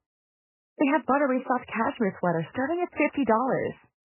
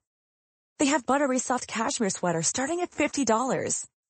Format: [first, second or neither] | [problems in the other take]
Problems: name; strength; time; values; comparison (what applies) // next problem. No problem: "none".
second | garbled, watery; badly; nothing above 3 kHz; slightly in the second